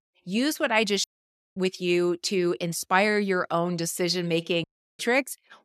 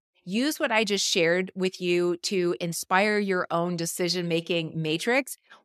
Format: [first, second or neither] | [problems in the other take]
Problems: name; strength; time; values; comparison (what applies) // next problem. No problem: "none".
second | audio cutting out; at 1 s for 0.5 s and at 4.5 s